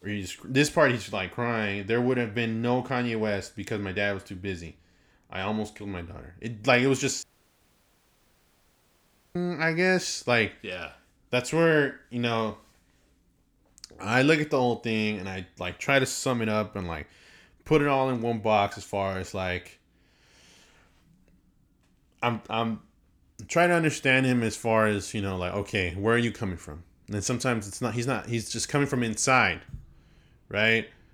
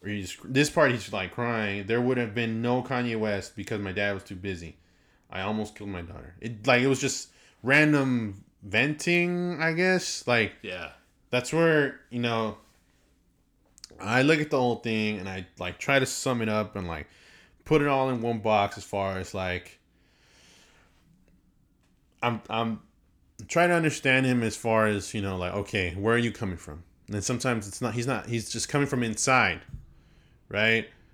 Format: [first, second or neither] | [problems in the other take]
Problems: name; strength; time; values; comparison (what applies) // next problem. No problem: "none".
second | audio cutting out; at 7 s for 2 s